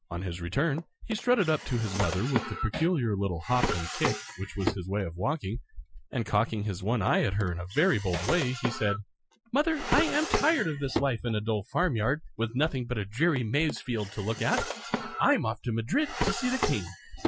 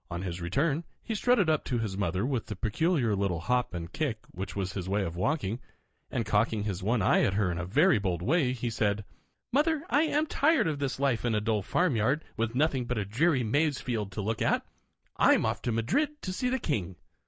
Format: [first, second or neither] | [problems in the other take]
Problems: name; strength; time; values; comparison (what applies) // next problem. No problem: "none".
second | noise reduction (classical method Wiener filter)